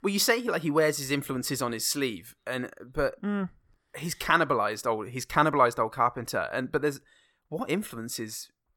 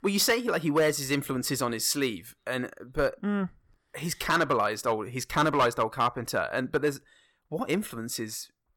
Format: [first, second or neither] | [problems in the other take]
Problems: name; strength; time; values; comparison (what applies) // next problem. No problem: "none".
first | distortion; slight; 2% of the sound clipped